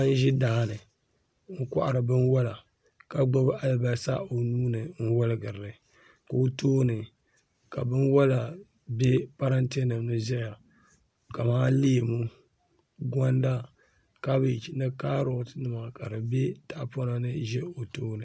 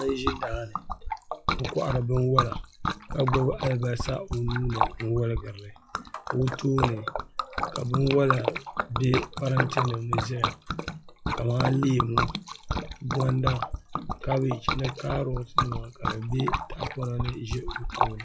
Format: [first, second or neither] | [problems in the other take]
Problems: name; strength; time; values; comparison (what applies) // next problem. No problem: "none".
first | noise reduction (classical method log-MMSE)